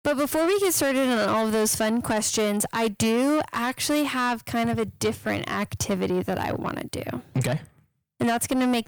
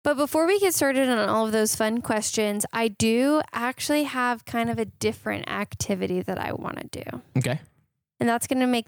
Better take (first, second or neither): second